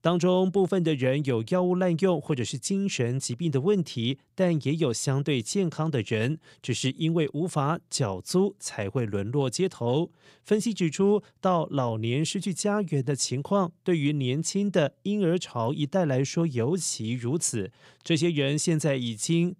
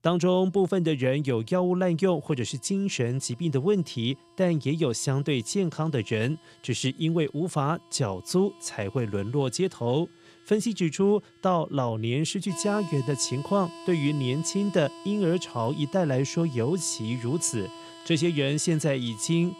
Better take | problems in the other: first | background music; noticeable; throughout; 20 dB below the speech

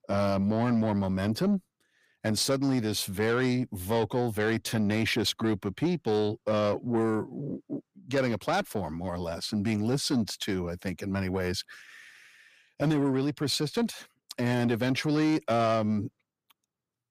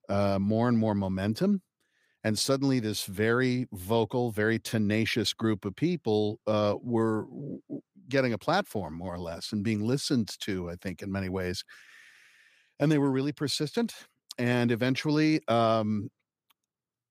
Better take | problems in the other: second | distortion; slight; 10 dB below the speech

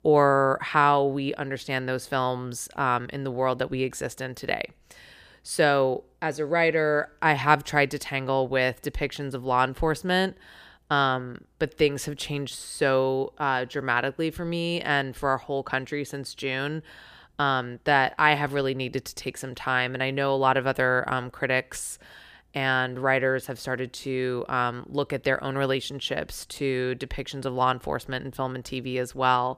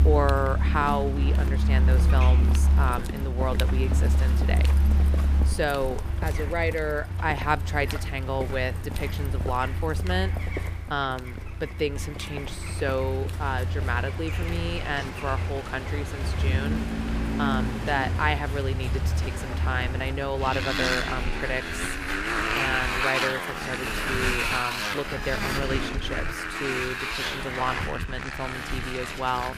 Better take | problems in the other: first | traffic noise; very loud; throughout; 3 dB above the speech

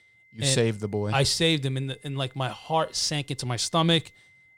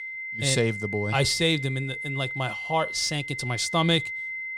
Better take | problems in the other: first | high-pitched whine; loud; throughout; 2 kHz, 6 dB below the speech; faint in the first

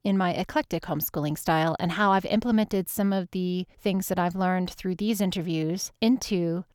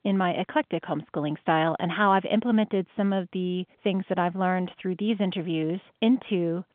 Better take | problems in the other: first | phone-call audio; nothing above 3.5 kHz

